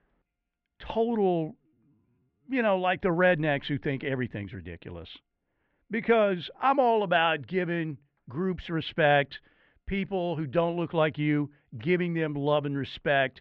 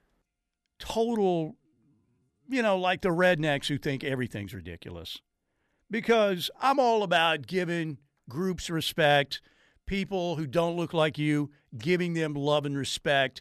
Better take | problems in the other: second | muffled; very; fading above 3 kHz

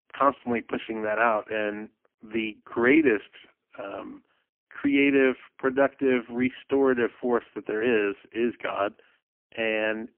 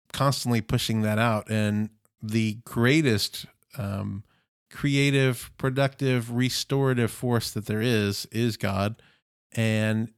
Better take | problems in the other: second | phone-call audio; poor line; nothing above 3 kHz

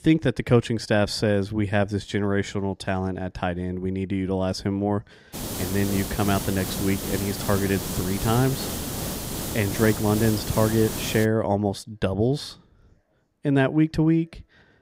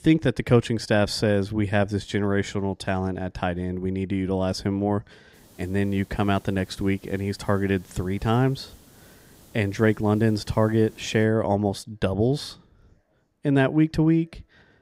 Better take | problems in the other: second | hiss; loud; from 5.5 to 11 s; 6 dB below the speech; faint in the second

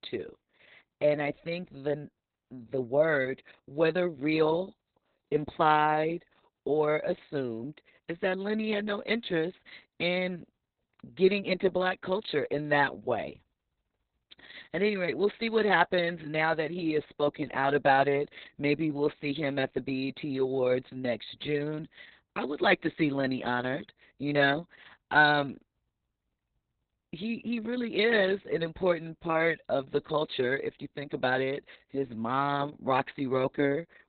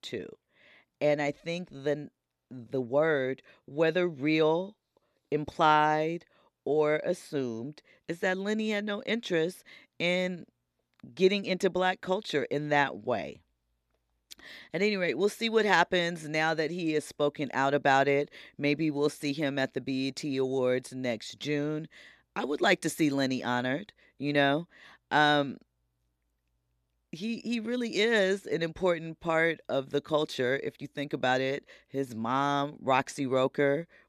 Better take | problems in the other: second | garbled, watery; badly; nothing above 4 kHz

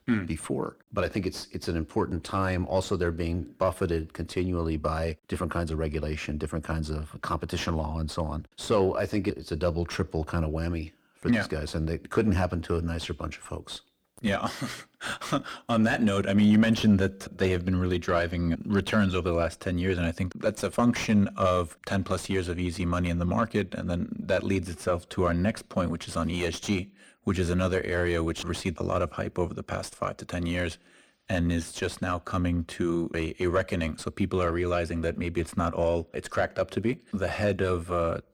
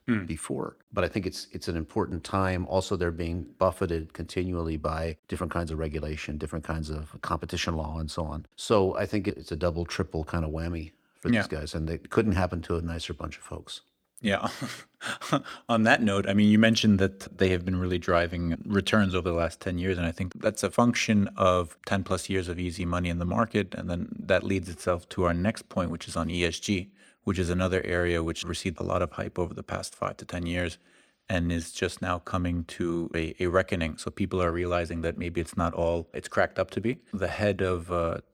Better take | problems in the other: second | distortion; slight; 10 dB below the speech

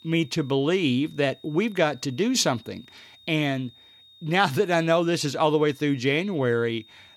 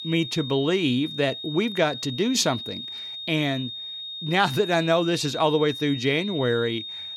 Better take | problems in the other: first | high-pitched whine; loud; throughout; 3.5 kHz, 9 dB below the speech; faint in the first

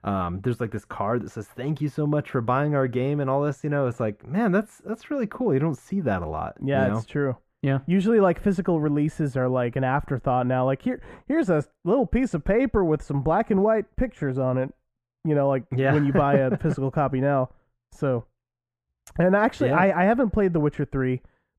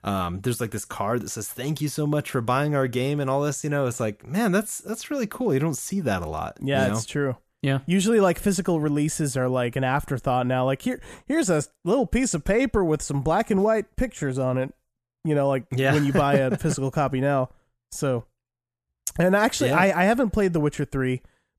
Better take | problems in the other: second | muffled; very; fading above 3.5 kHz

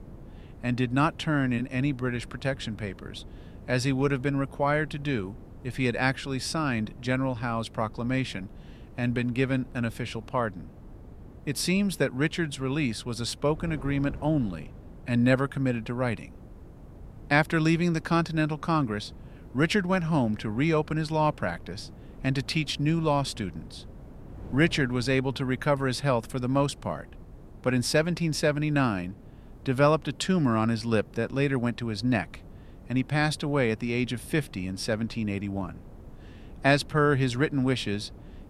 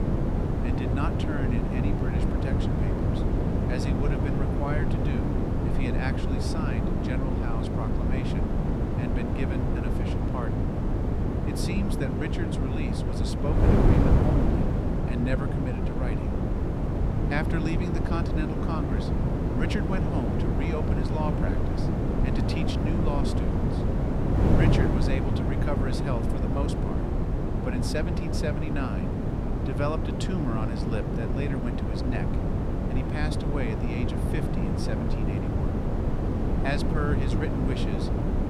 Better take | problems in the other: first | wind noise on the microphone; heavy; 2 dB above the speech; occasional gusts in the first

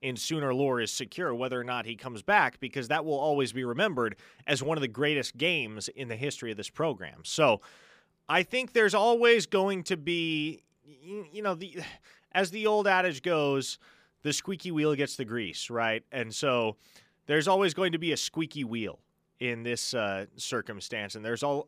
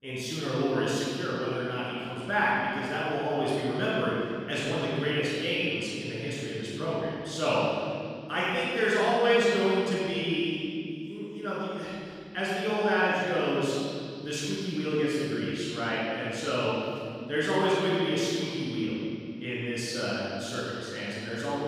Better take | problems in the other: first | off-mic speech; far // room echo; strong; dies away in 2.5 s

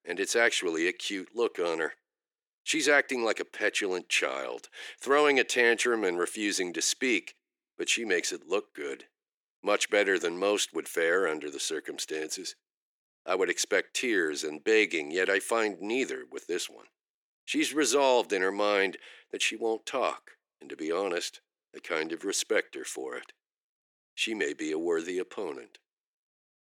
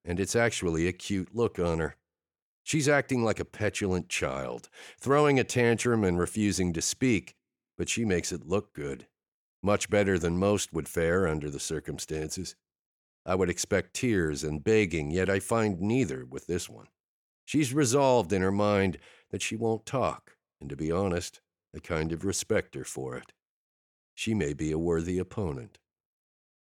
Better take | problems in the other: second | thin; somewhat; fading below 350 Hz

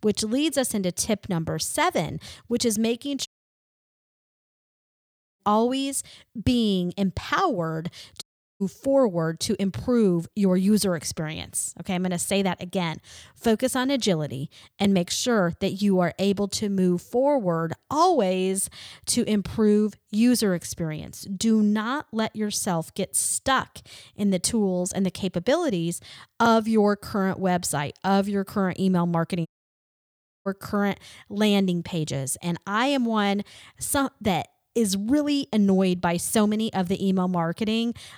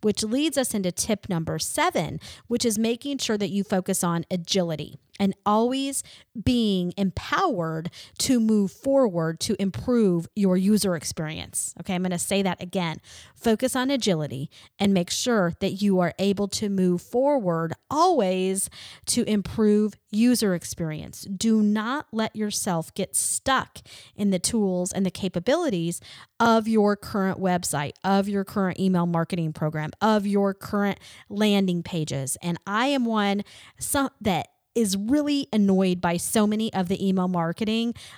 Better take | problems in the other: second | audio cutting out; at 3.5 s for 2 s, at 8 s and at 29 s for 1 s

